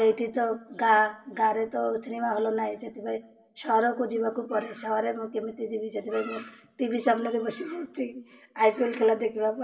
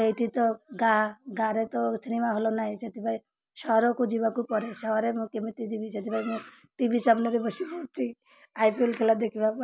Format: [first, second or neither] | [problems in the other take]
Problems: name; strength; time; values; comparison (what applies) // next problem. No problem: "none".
second | room echo; dies away in 0.8 s